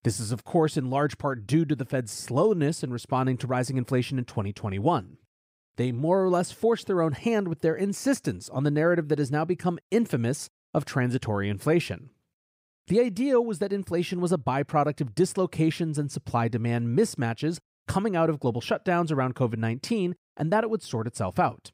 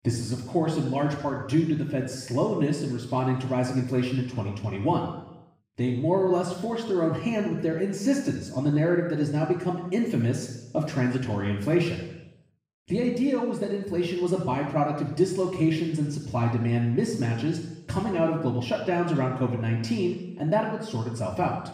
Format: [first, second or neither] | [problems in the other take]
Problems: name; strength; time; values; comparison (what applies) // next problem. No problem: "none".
first | room echo; noticeable; dies away in 0.9 s // off-mic speech; far